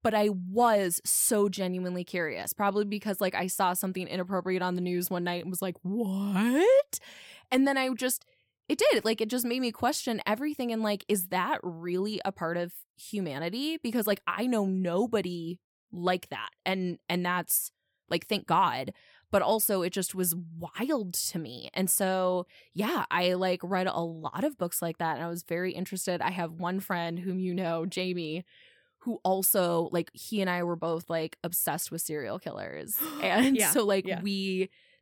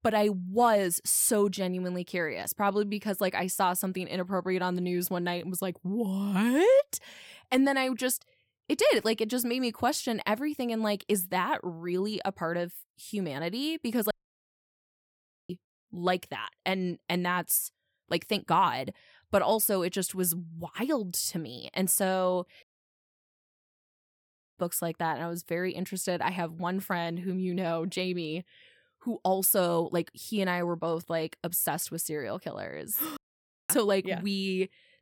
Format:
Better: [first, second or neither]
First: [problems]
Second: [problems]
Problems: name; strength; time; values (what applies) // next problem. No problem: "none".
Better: first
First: none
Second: audio cutting out; at 14 s for 1.5 s, at 23 s for 2 s and at 33 s for 0.5 s